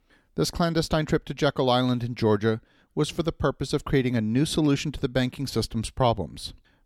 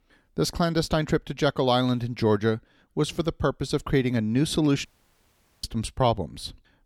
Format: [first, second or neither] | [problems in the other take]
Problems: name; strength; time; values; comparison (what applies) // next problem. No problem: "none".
first | audio cutting out; at 5 s for 1 s